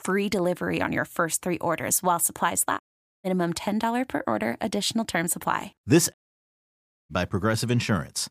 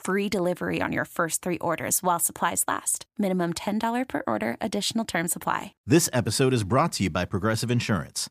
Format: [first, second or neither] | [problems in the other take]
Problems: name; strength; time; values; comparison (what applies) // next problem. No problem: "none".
second | audio cutting out; at 3 s and at 6 s for 1 s